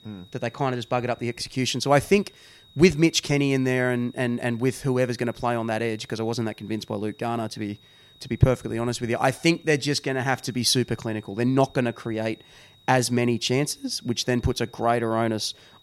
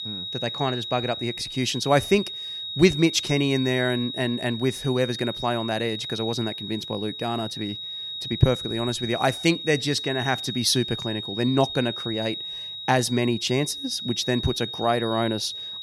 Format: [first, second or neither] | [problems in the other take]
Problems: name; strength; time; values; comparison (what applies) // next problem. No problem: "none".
first | high-pitched whine; loud; throughout; 4 kHz, 6 dB below the speech; faint in the first